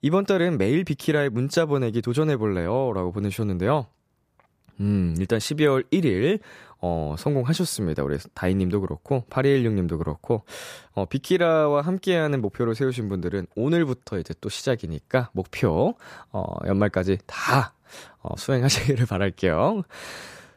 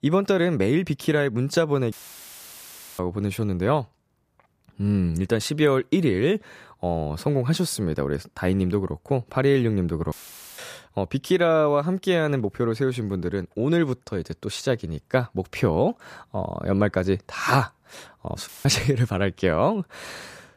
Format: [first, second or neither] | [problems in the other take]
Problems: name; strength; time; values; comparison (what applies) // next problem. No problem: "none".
first | audio cutting out; filled with static; at 2 s for 1 s, at 10 s and at 18 s